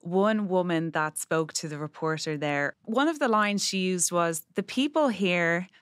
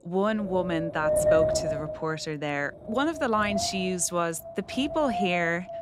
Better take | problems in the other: first | wind noise on the microphone; heavy; 1 dB below the speech

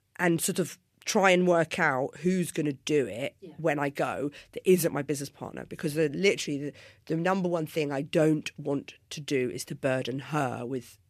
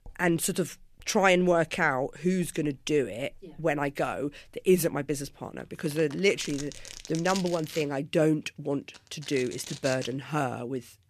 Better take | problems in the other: first | household noises; noticeable; throughout; 15 dB below the speech

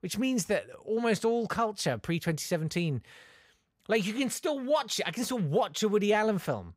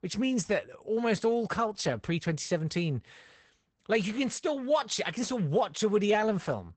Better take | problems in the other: first | garbled, watery; badly; nothing above 8 kHz

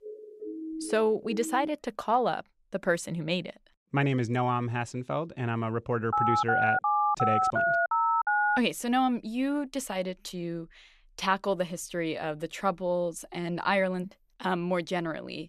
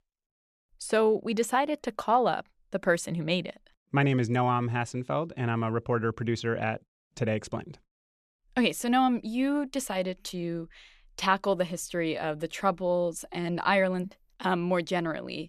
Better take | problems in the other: second | siren; noticeable; until 1.5 s; peak 7 dB below the speech // phone ringing; loud; from 6 to 8.5 s; peak 5 dB above the speech

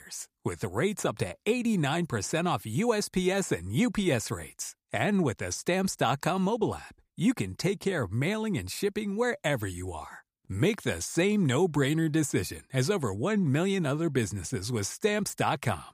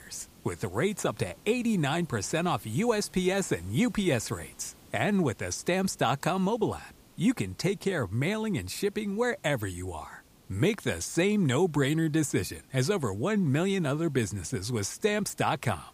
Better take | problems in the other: first | hiss; faint; throughout; 25 dB below the speech

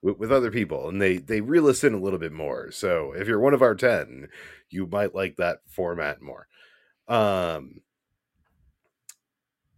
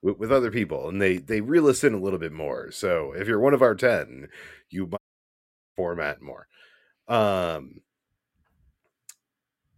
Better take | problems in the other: first | audio cutting out; at 5 s for 1 s

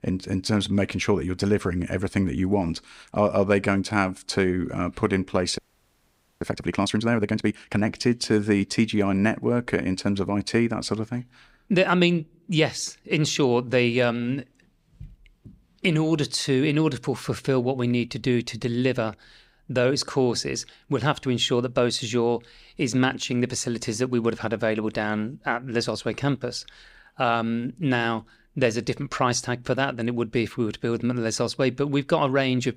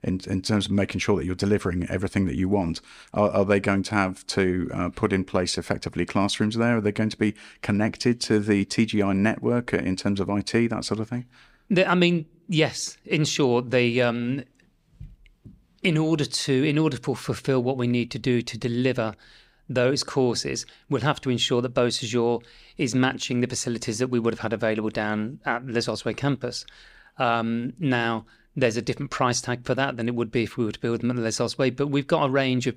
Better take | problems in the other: second | audio freezing; at 5.5 s for 1 s

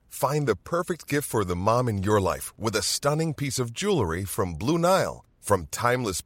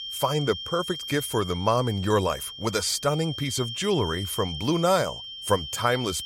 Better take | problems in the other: first | high-pitched whine; loud; throughout; 3 kHz, 8 dB below the speech

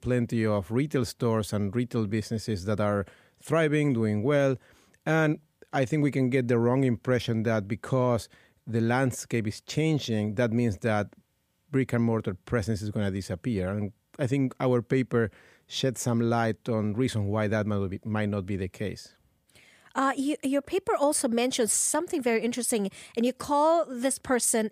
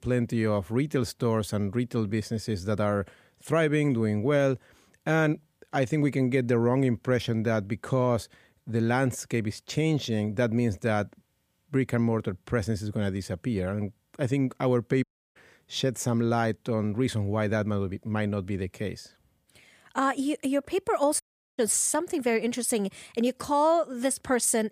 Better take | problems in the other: first | audio cutting out; at 15 s and at 21 s

